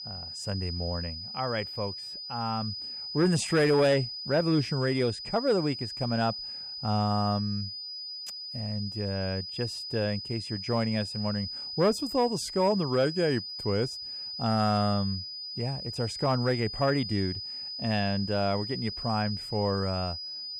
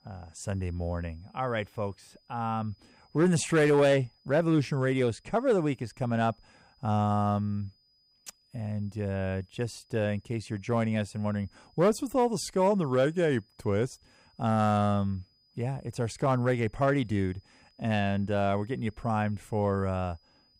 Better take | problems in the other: second | high-pitched whine; loud; throughout; 5 kHz, 6 dB below the speech; faint in the second

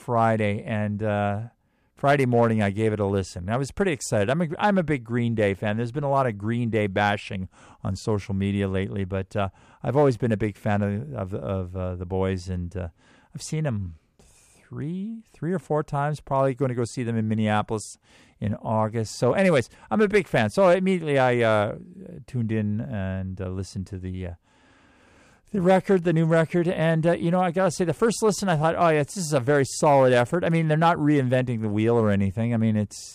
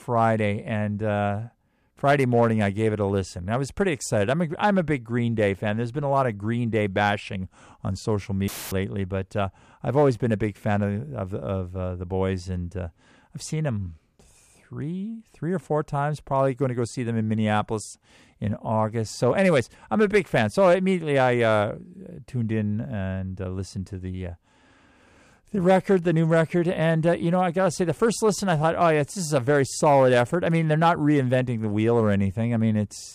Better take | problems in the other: first | audio cutting out; filled with static; at 8.5 s

